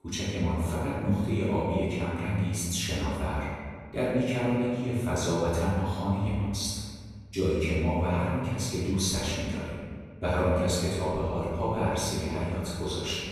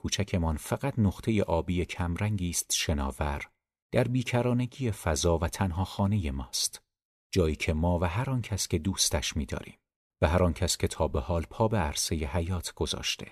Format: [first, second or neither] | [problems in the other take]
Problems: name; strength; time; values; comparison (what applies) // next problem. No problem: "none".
second | off-mic speech; far // room echo; strong; dies away in 1.7 s